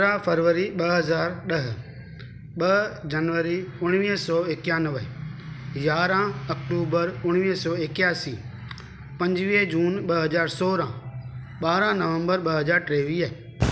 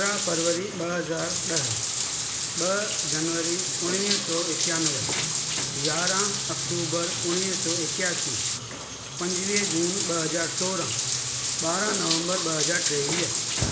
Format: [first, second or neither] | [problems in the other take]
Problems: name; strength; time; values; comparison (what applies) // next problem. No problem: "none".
first | background sound (Bathtub (filling or washing)); 3 dB above the speech // room echo; dies away in 0.7 s